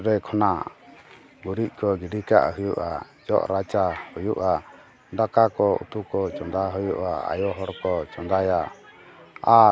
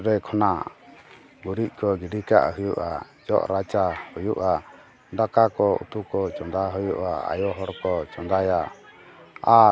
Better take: second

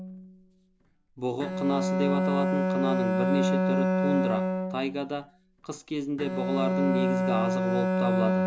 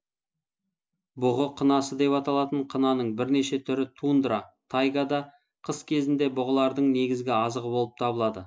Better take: second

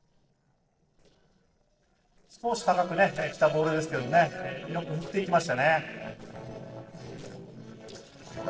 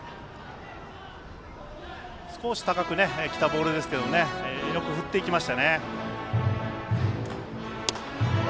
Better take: second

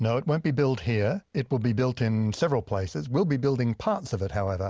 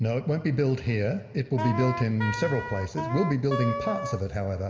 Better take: first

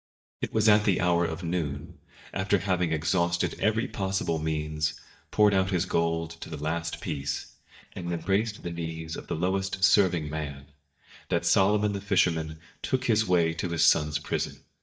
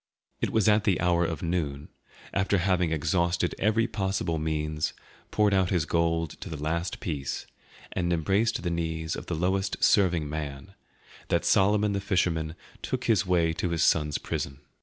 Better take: second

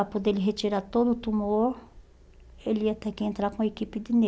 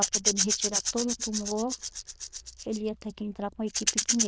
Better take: first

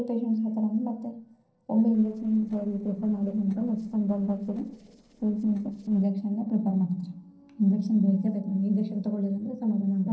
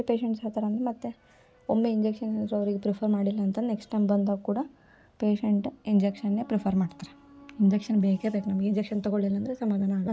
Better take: second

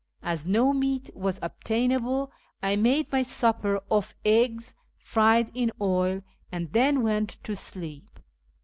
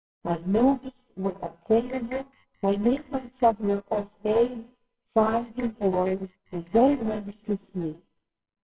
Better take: first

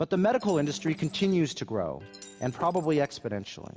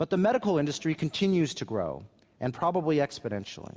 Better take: second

